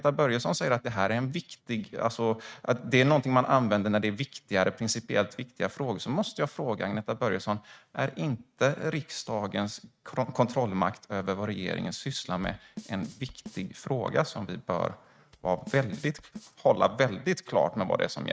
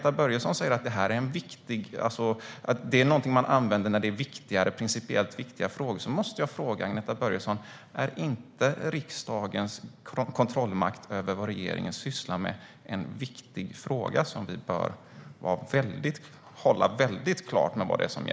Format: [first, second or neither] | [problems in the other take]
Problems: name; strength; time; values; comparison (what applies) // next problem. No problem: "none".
second | noise reduction (neural mask model RNNoise)